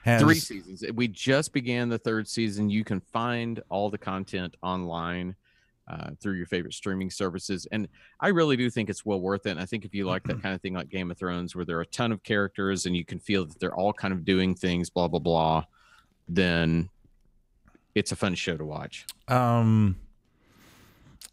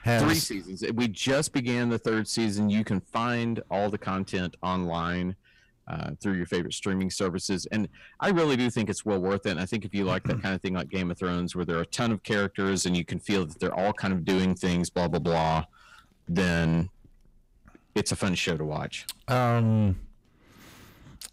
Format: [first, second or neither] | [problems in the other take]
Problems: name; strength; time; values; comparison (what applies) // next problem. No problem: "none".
first | distortion; heavy; 7 dB below the speech